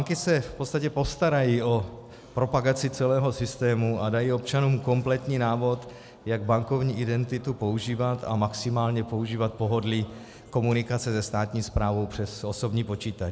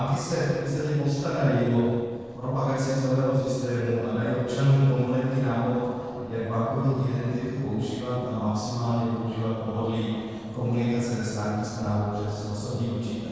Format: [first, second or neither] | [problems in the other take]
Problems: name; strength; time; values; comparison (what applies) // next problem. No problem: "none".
first | noise reduction (neural separator model SepFormer DNS4)